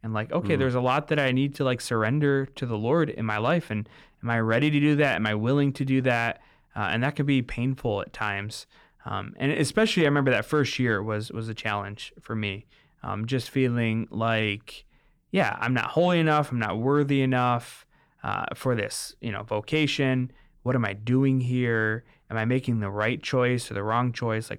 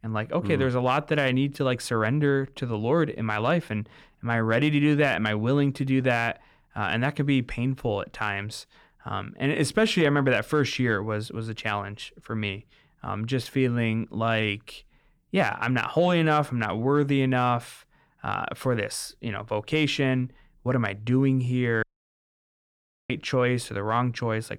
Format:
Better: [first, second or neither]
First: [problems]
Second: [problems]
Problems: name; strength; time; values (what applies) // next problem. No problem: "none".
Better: first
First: none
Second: audio cutting out; at 22 s for 1.5 s